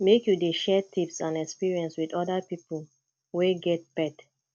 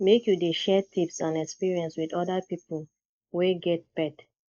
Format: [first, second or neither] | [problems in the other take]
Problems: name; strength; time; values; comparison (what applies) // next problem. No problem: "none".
first | noise reduction (neural mask model Resemble Enhance denoiser)